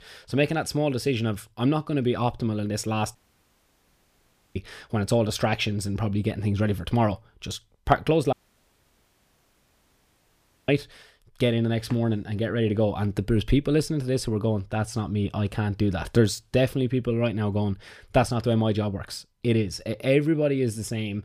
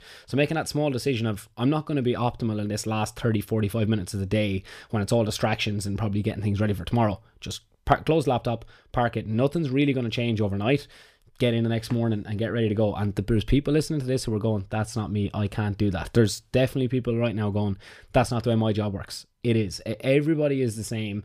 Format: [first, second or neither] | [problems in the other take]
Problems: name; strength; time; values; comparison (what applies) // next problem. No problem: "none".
second | audio cutting out; at 3 s for 1.5 s and at 8.5 s for 2.5 s